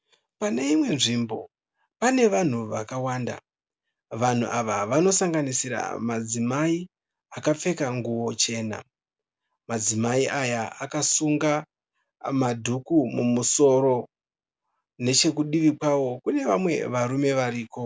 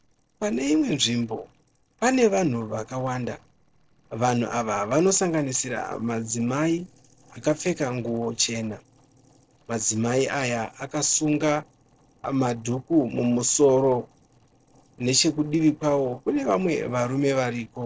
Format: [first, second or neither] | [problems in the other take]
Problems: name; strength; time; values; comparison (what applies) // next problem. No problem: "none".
first | noise reduction (neural separator model SepFormer DNS4)